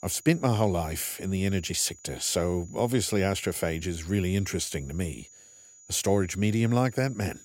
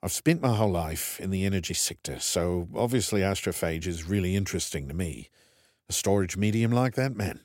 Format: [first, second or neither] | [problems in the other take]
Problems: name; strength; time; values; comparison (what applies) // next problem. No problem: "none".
second | high-pitched whine; faint; throughout; 7 kHz, 20 dB below the speech